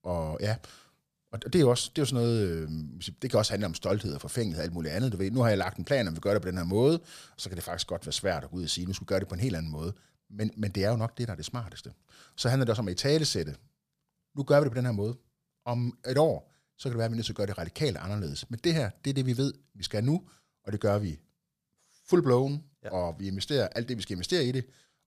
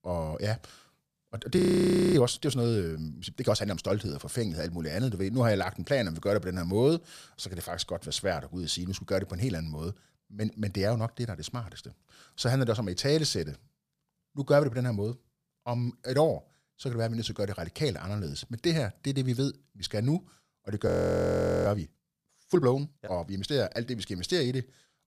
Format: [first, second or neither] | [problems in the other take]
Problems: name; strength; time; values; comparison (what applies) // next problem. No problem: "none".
first | audio freezing; at 1.5 s for 0.5 s and at 21 s for 1 s